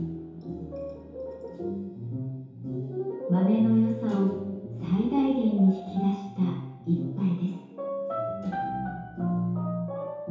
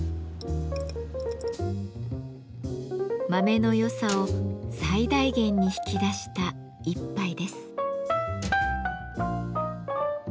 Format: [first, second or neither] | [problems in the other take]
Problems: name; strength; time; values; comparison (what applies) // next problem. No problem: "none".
second | room echo; dies away in 0.8 s